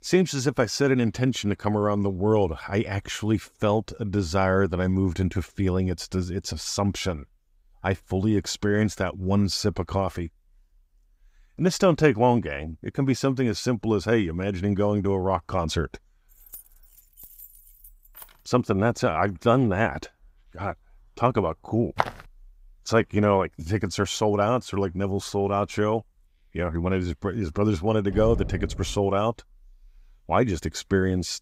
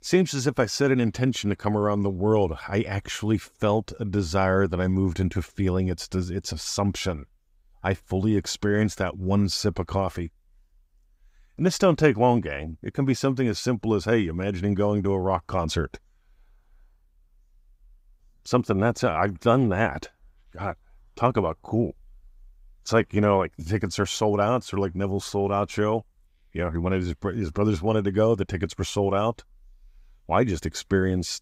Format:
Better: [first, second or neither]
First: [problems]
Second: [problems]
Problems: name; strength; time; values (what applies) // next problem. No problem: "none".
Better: second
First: jangling keys; faint; from 16 to 18 s; peak 20 dB below the speech // footsteps; noticeable; at 22 s; peak 4 dB below the speech // door banging; noticeable; at 28 s; peak 7 dB below the speech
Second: none